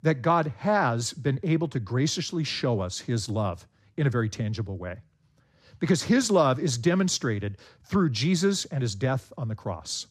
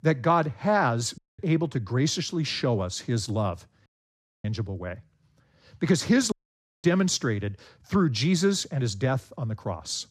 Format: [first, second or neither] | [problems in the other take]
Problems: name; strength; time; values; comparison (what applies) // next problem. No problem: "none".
first | audio cutting out; at 1 s, at 4 s for 0.5 s and at 6.5 s for 0.5 s